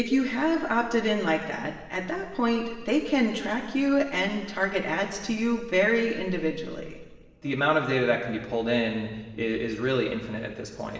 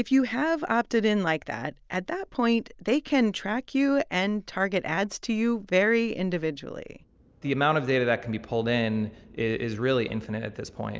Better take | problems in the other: second | room echo; dies away in 1.3 s

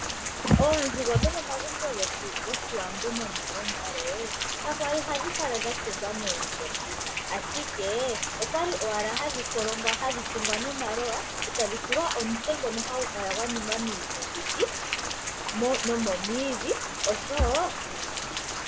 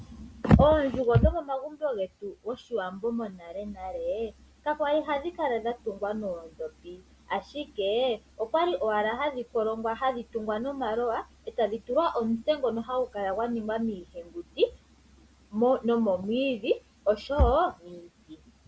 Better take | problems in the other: second | background sound (Rain); 1 dB below the speech

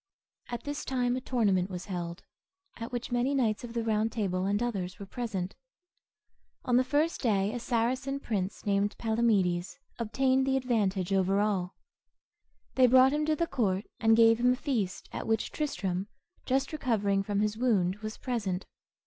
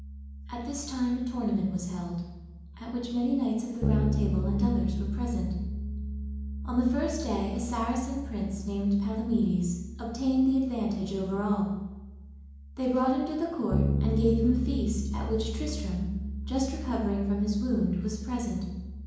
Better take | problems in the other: first | background sound (Bass guitar); 4 dB below the speech // room echo; dies away in 1 s

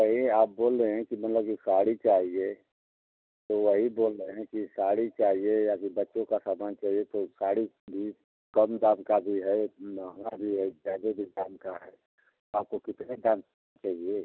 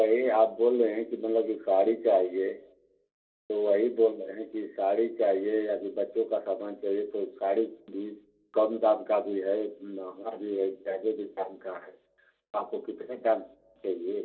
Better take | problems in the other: first | room echo; dies away in 0.2 s

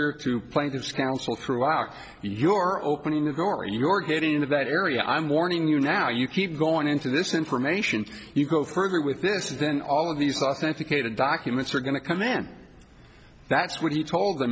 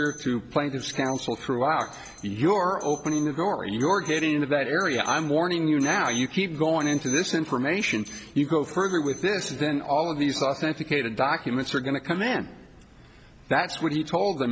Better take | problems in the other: first | background sound (Alarm); 19 dB below the speech

